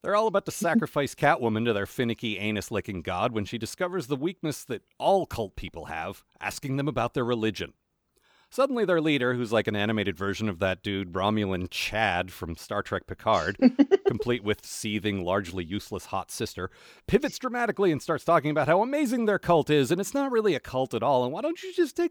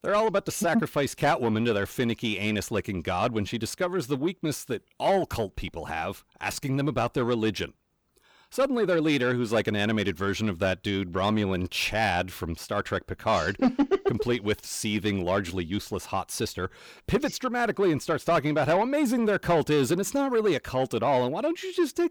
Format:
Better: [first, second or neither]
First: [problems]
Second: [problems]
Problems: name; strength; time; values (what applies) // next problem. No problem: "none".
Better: first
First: none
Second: distortion; slight; 10 dB below the speech